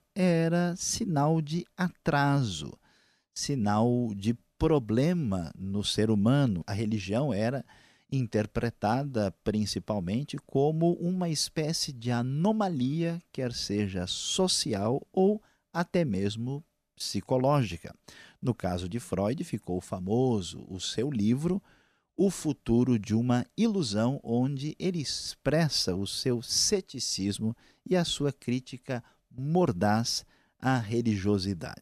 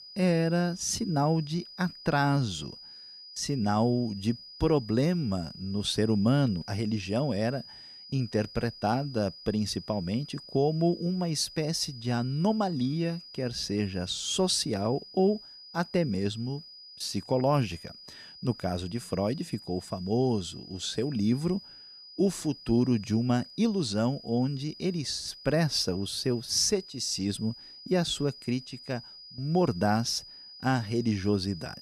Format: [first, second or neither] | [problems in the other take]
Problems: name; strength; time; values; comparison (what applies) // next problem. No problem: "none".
first | high-pitched whine; noticeable; throughout; 5 kHz, 15 dB below the speech